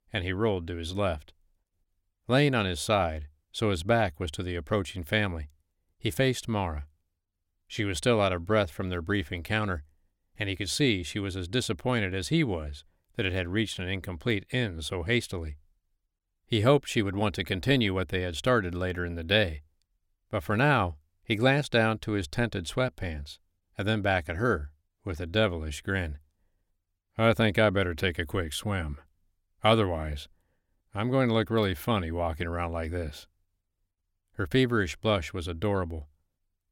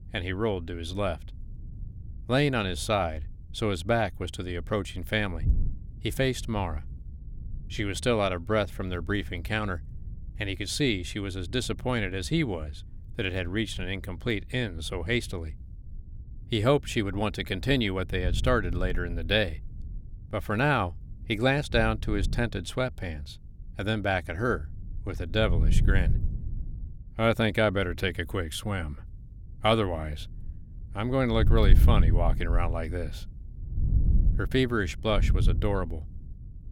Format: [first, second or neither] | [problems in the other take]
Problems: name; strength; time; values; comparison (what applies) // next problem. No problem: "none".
first | wind noise on the microphone; occasional gusts; 20 dB below the speech